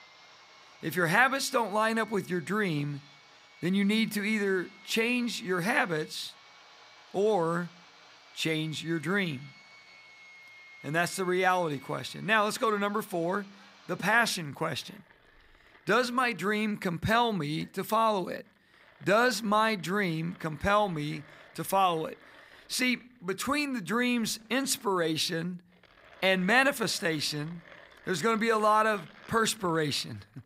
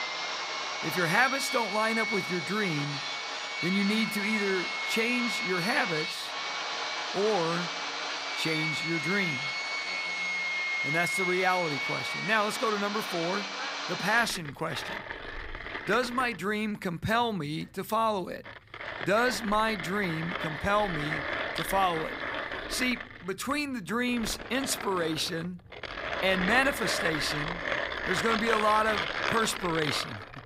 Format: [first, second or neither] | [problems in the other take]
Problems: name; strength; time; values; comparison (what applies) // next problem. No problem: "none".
first | machinery noise; loud; throughout; 2 dB below the speech; faint in the first